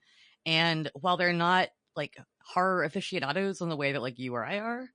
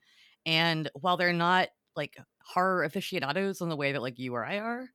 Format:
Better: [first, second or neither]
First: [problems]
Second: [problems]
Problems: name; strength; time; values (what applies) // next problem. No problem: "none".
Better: second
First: garbled, watery; slightly; nothing above 9 kHz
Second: none